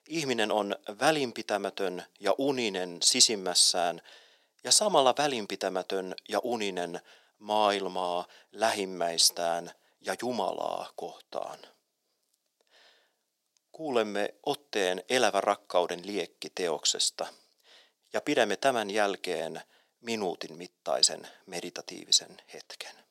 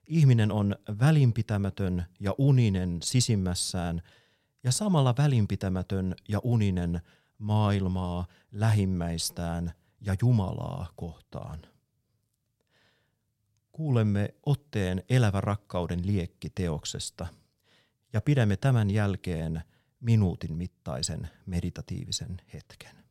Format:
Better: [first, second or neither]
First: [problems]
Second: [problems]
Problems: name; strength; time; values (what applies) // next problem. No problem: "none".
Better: second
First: thin; very; fading below 300 Hz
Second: none